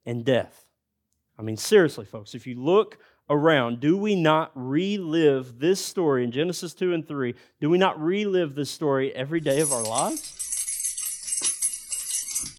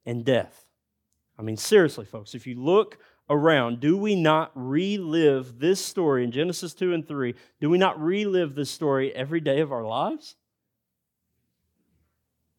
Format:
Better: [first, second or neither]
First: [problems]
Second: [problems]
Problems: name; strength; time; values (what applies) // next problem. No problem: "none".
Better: second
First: jangling keys; loud; from 9.5 s on; peak 1 dB above the speech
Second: none